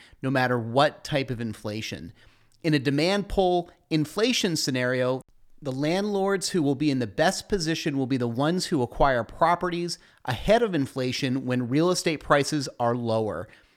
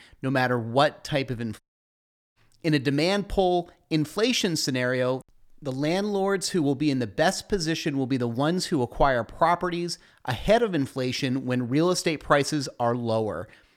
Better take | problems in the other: first | audio cutting out; at 1.5 s for 1 s

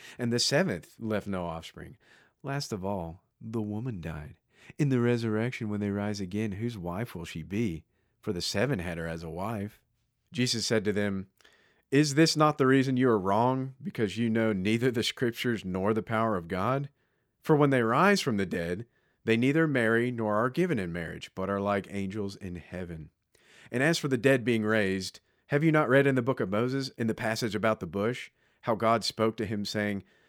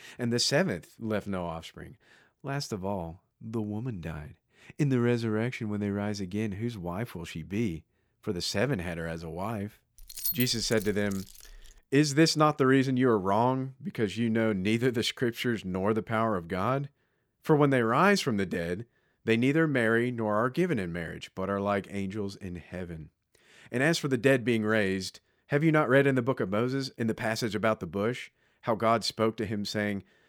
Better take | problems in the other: first | jangling keys; noticeable; from 10 to 12 s; peak 1 dB below the speech

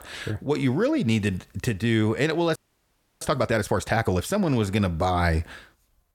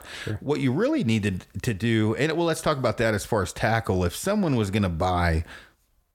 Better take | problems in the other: second | audio freezing; at 2.5 s for 0.5 s

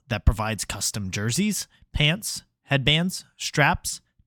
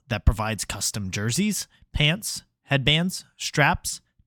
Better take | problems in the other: neither | none

